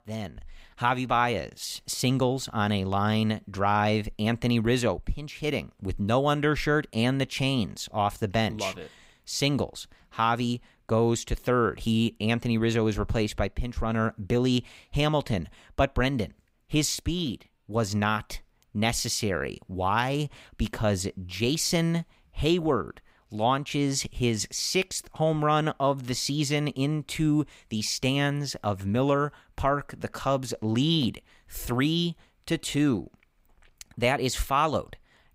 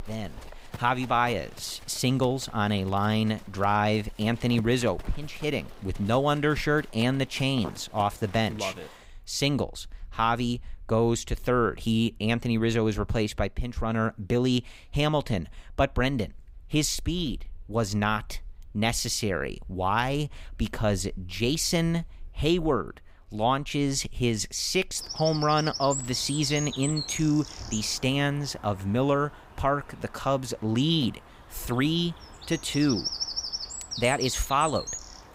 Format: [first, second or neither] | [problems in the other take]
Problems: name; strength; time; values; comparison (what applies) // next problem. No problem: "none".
first | animal sounds; noticeable; throughout; 10 dB below the speech